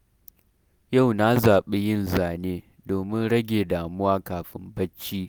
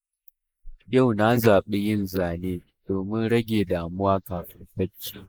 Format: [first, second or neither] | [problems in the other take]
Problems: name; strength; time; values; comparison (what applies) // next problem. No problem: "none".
first | noise reduction (neural mask model Resemble Enhance denoiser)